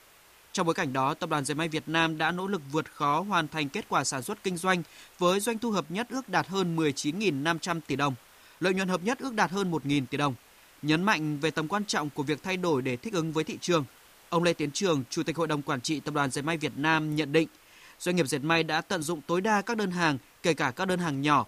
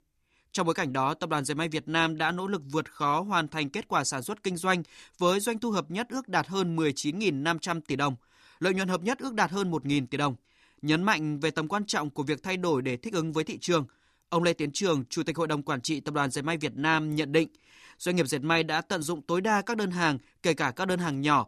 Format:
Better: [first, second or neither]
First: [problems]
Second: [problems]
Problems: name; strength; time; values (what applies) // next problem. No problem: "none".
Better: second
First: hiss; faint; throughout; 25 dB below the speech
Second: none